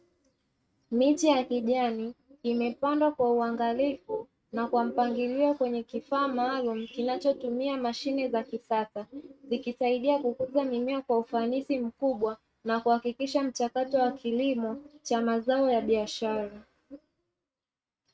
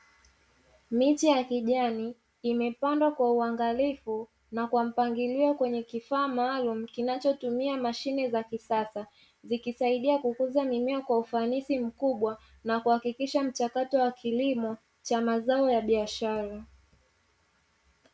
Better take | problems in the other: second | noise reduction (neural mask model RNNoise)

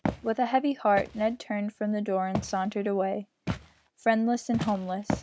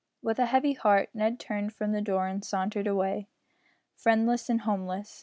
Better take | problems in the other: second | background sound (Walk, footsteps); 9 dB below the speech

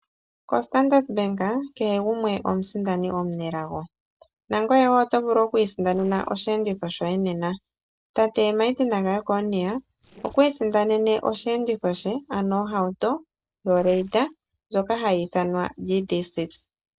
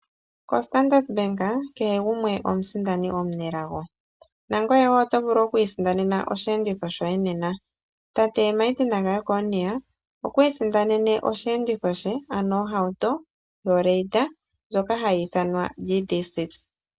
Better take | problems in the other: second | noise reduction (neural separator model SepFormer DNS4)

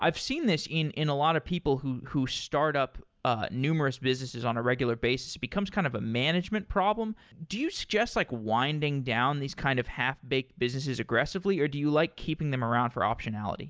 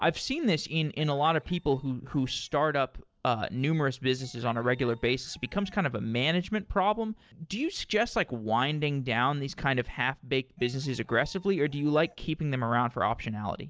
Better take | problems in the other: first | noise reduction (neural separator model SepFormer DNS4)

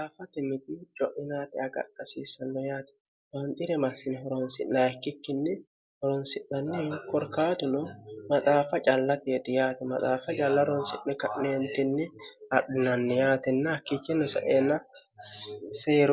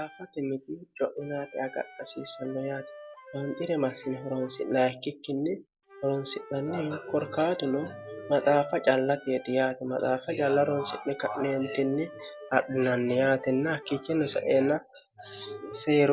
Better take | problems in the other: first | background sound (Wind instrument, woodwind instrument); 19 dB below the speech

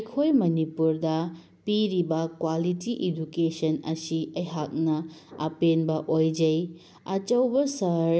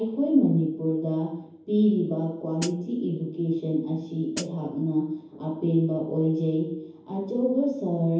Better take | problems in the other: first | background sound (Hi-hat); 10 dB below the speech // room echo; dies away in 0.9 s

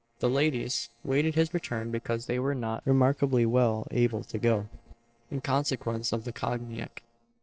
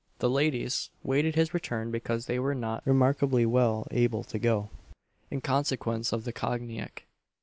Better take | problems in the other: second | noise reduction (neural separator model SepFormer DNS4)

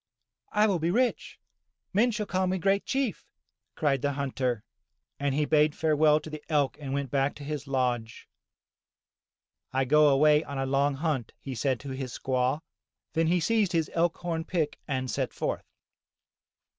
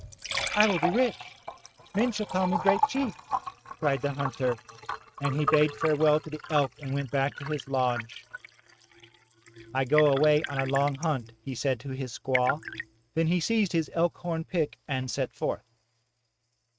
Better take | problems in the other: first | noise reduction (neural mask model RNNoise)

